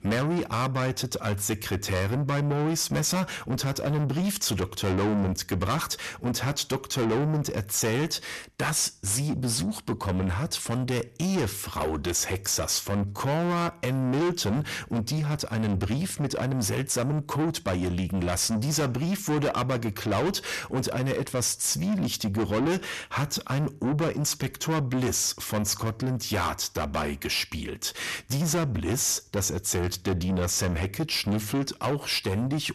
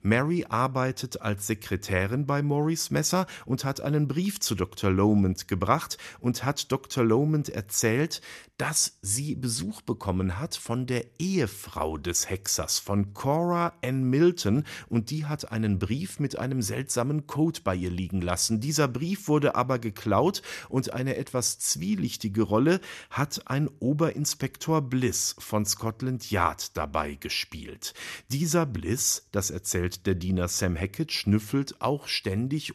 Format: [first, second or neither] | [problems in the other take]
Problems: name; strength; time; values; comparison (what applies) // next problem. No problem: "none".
second | distortion; heavy; 6 dB below the speech